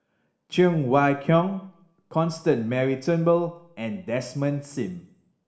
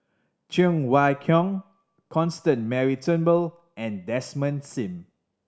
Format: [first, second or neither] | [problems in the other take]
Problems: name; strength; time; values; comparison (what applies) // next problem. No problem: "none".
second | room echo; dies away in 0.6 s